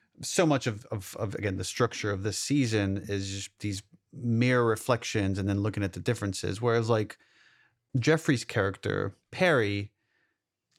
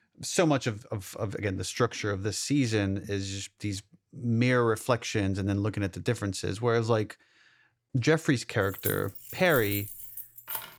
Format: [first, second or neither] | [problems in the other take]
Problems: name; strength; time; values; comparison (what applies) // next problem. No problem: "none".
first | jangling keys; noticeable; from 8.5 s on; peak 5 dB below the speech